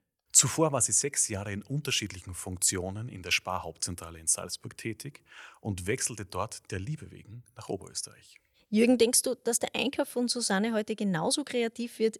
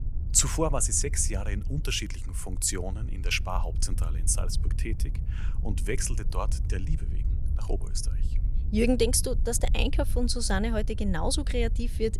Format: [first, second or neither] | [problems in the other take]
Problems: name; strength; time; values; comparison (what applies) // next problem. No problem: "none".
first | wind noise on the microphone; occasional gusts; 20 dB below the speech